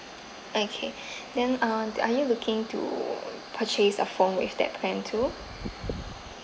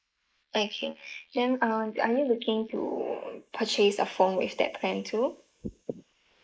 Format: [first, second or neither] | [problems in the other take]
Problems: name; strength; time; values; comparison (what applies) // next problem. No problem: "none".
first | noise reduction (neural mask model Resemble Enhance denoiser)